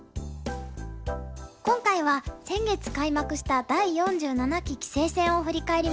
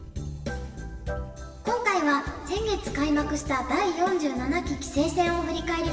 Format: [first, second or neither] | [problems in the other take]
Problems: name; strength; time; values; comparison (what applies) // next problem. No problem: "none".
first | room echo; dies away in 1.9 s